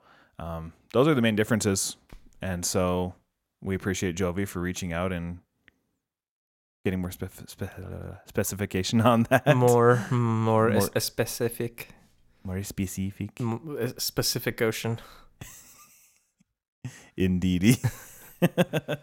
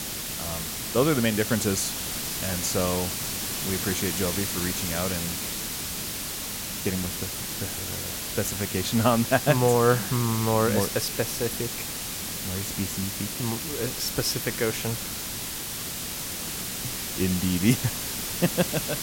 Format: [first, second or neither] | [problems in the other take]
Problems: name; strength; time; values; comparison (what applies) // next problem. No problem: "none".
first | hiss; loud; throughout; 3 dB below the speech